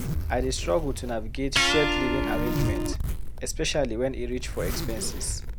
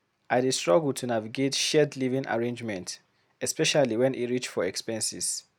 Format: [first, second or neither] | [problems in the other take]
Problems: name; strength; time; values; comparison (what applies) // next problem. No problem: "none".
second | background sound (Zipper (clothing) + Electric guitar); 2 dB above the speech